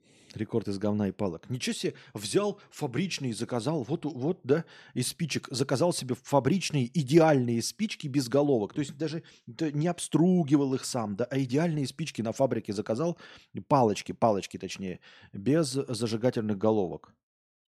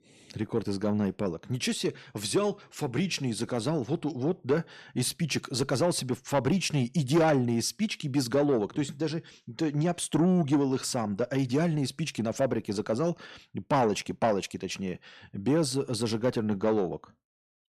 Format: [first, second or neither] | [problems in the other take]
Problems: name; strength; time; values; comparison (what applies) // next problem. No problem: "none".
first | distortion; slight; 10 dB below the speech